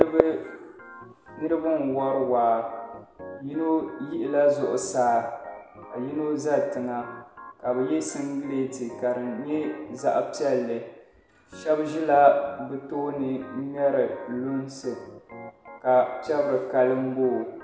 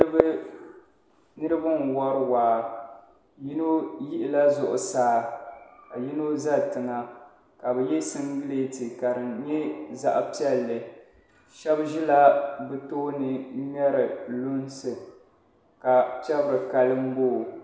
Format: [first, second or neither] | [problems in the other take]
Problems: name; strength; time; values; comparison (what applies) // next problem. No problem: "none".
second | background sound (Organ); 19 dB below the speech